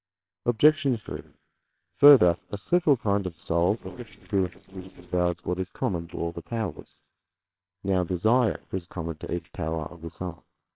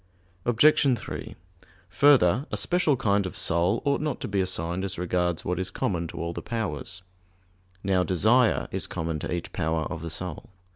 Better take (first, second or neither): second